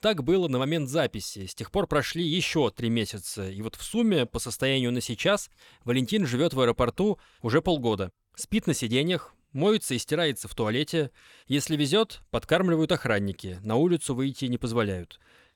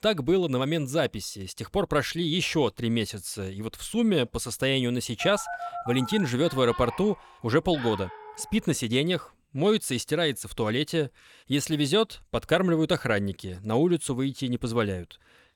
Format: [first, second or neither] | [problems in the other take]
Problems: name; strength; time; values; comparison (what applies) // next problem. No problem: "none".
first | phone ringing; noticeable; from 5 to 8.5 s; peak 8 dB below the speech